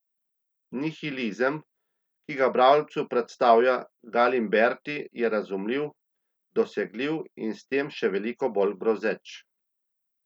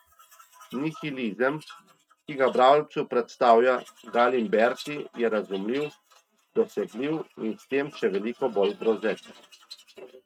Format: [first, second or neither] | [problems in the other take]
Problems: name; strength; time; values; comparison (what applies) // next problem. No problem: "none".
first | noise reduction (neural mask model RNNoise)